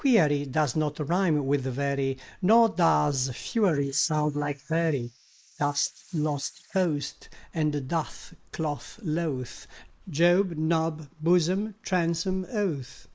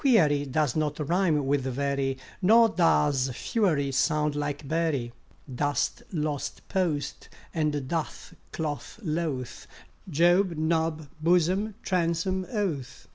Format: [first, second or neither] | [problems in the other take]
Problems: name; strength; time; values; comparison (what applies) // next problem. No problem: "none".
second | noise reduction (neural mask model Resemble Enhance denoiser)